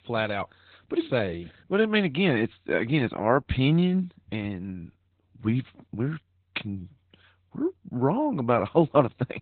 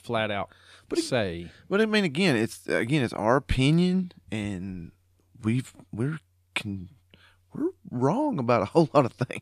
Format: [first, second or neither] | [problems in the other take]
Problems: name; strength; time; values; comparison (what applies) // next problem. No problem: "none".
second | garbled, watery; badly; nothing above 4 kHz